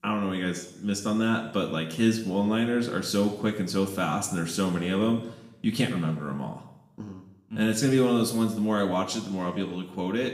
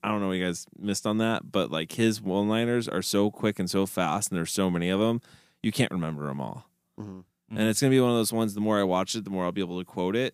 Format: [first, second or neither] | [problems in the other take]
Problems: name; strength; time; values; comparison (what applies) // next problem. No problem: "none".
second | room echo; slight; dies away in 0.8 s // off-mic speech; somewhat distant